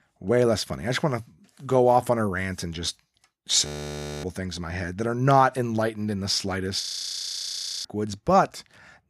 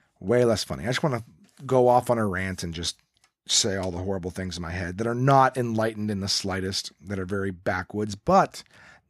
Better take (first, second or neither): second